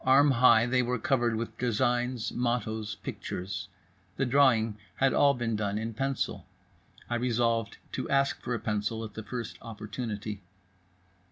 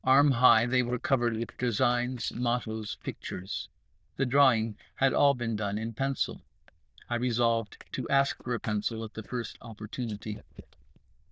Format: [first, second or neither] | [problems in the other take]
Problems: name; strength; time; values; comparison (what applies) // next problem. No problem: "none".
first | noise reduction (neural diffusion model UNIVERSE++)